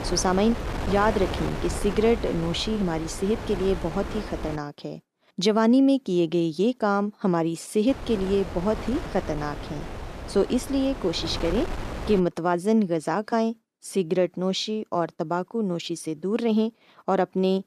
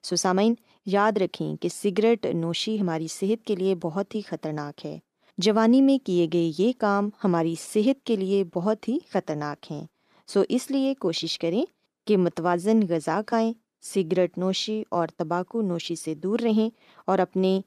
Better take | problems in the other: second | wind noise on the microphone; heavy; until 4.5 s and from 8 to 12 s; 9 dB below the speech

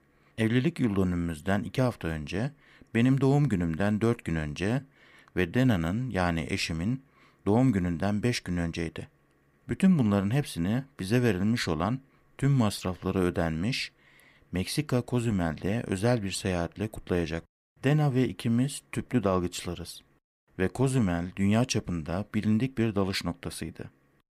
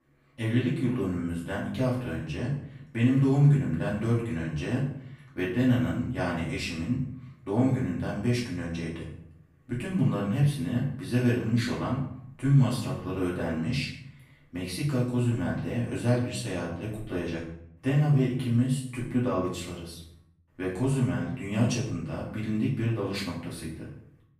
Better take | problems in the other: first | off-mic speech; far // room echo; noticeable; dies away in 0.6 s

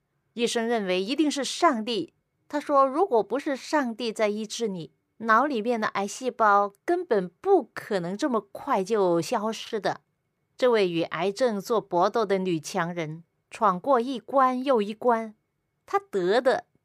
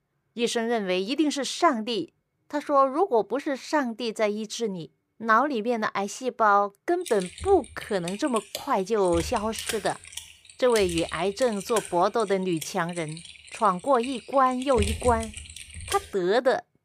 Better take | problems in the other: first | keyboard typing; noticeable; from 7 to 16 s; peak 4 dB below the speech

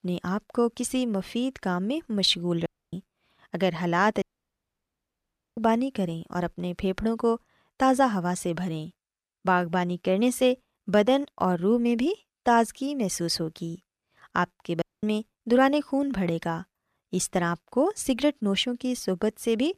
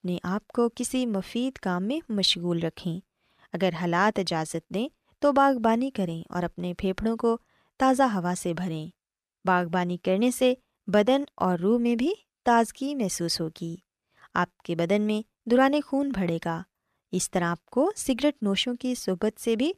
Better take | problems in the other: second | audio cutting out; at 2.5 s, at 4 s for 1.5 s and at 15 s

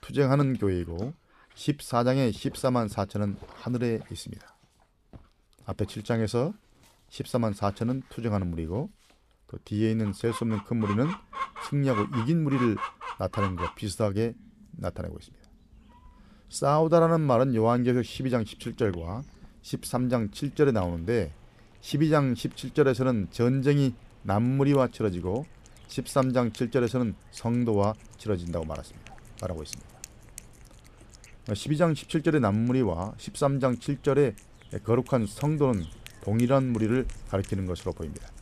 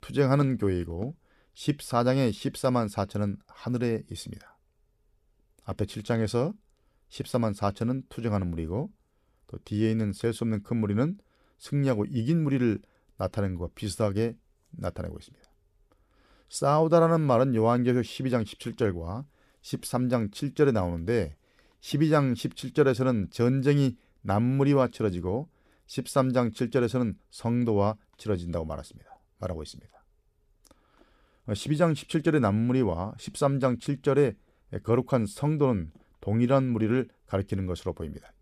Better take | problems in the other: second | animal sounds; noticeable; throughout; 15 dB below the speech

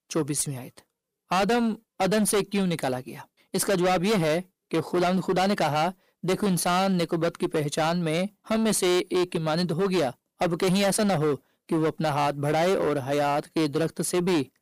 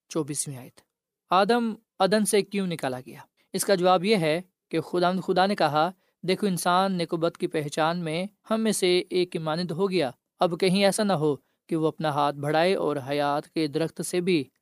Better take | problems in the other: second | distortion; heavy; 18% of the sound clipped

